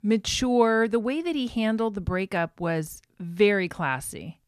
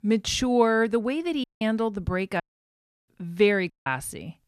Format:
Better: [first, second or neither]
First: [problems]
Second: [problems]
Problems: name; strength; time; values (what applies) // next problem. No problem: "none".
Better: first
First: none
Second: audio cutting out; at 1.5 s, at 2.5 s for 0.5 s and at 3.5 s